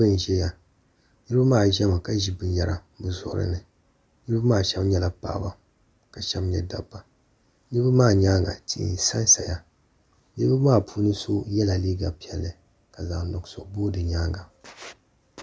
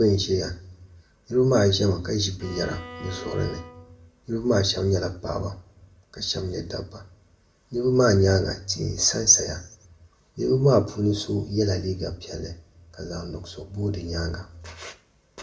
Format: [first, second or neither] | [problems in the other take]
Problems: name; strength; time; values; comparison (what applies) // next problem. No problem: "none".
first | background sound (Bowed string instrument); 17 dB below the speech // room echo; dies away in 0.4 s